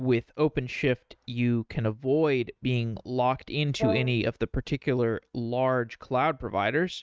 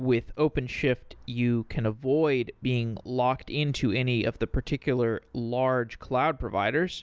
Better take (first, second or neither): second